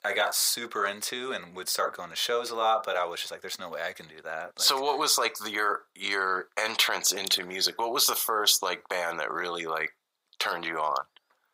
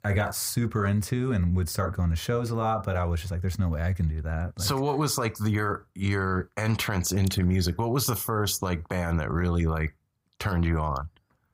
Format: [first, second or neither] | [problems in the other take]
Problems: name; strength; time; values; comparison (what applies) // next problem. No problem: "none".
second | thin; very; fading below 500 Hz